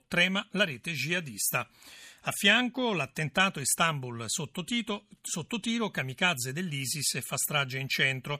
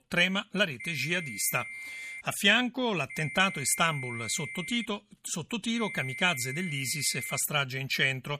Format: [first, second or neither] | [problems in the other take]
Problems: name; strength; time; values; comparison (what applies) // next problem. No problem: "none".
first | high-pitched whine; loud; from 1 to 2 s, from 3 to 5 s and from 6 to 7.5 s; 2 kHz, 9 dB below the speech